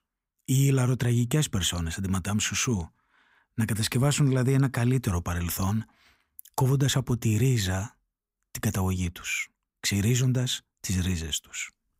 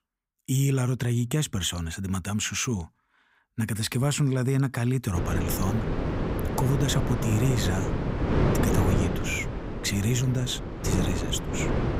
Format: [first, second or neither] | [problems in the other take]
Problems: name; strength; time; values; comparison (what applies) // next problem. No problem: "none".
first | wind noise on the microphone; heavy; from 5 s on; 1 dB below the speech